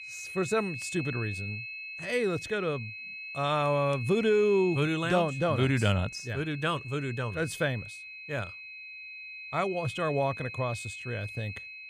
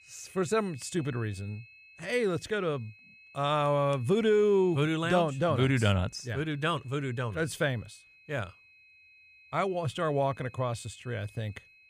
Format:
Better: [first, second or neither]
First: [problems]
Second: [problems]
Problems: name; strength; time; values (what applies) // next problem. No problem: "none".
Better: second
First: high-pitched whine; loud; throughout; 2.5 kHz, 9 dB below the speech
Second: high-pitched whine; faint; throughout; 2.5 kHz, 25 dB below the speech